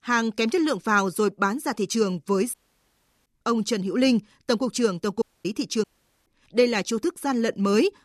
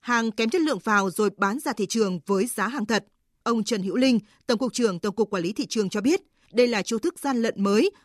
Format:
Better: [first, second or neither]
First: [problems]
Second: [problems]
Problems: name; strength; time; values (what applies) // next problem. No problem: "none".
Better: second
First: audio cutting out; at 2.5 s for 0.5 s, at 5 s and at 6 s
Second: none